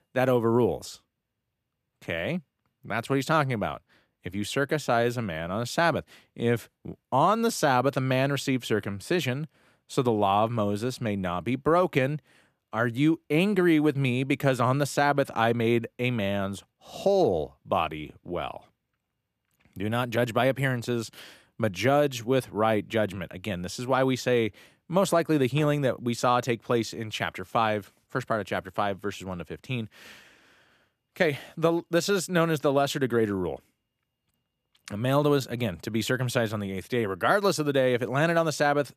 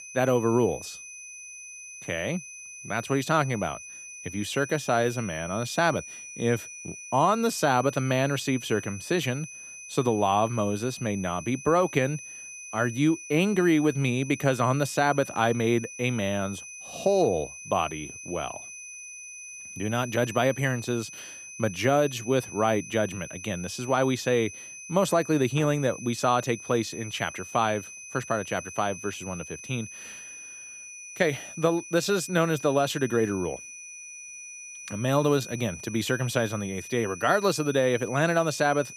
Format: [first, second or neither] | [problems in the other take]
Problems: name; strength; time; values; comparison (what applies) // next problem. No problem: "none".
first | high-pitched whine; noticeable; throughout; 6 kHz, 15 dB below the speech